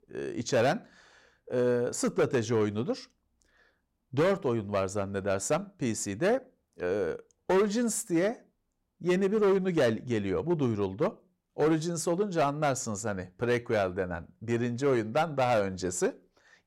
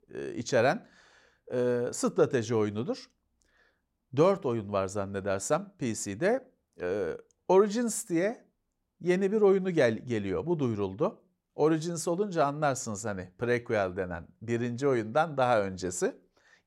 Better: second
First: distortion; slight; 5% of the sound clipped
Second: none

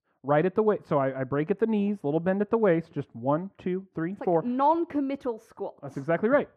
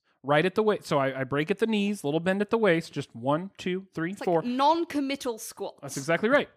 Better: second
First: muffled; very; fading above 2.5 kHz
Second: none

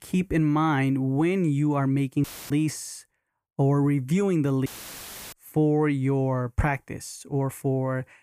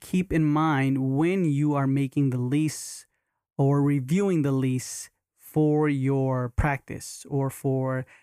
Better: second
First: audio cutting out; filled with static; at 2 s and at 4.5 s for 0.5 s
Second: none

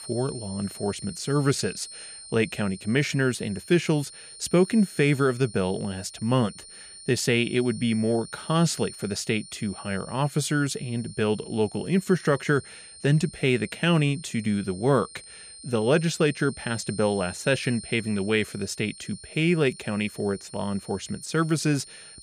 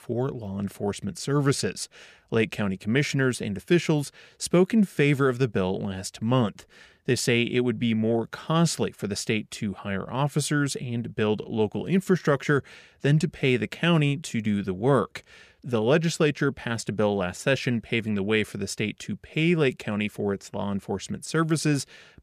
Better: second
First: high-pitched whine; noticeable; throughout; 9 kHz, 15 dB below the speech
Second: none

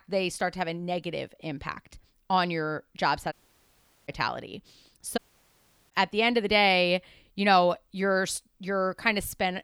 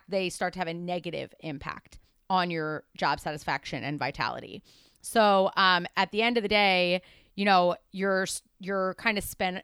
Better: second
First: audio cutting out; at 3.5 s for 1 s and at 5 s for 0.5 s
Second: none

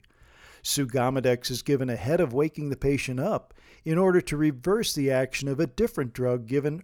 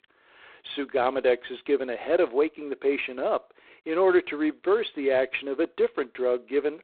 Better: first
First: none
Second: phone-call audio; poor line; nothing above 3.5 kHz

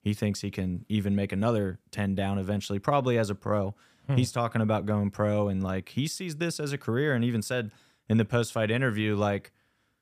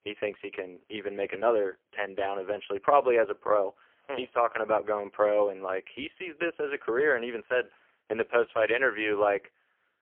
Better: first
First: none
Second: phone-call audio; poor line; nothing above 3 kHz

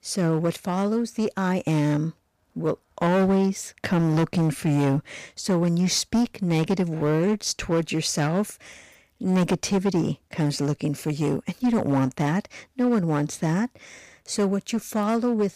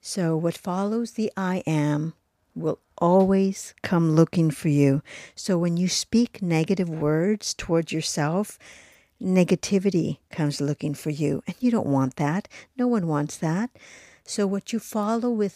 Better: second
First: distortion; slight; 10% of the sound clipped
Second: none

